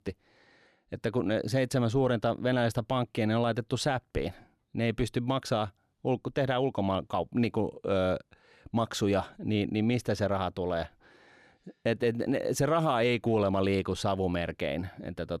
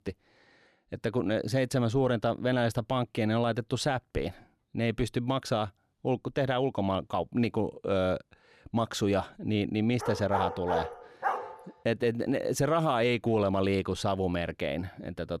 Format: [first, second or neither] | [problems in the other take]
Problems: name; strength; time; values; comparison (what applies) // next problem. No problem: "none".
first | dog barking; noticeable; from 10 to 12 s; peak 2 dB below the speech